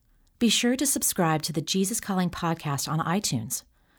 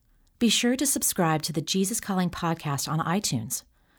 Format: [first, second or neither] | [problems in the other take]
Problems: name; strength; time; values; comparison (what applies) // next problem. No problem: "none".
neither | none